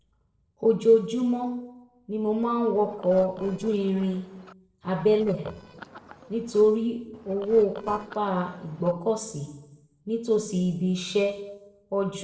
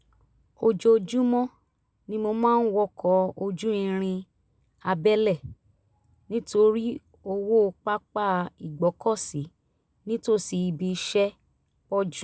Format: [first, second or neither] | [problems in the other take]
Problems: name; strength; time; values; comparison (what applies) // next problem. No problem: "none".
second | noise reduction (neural separator model SepFormer DNS4)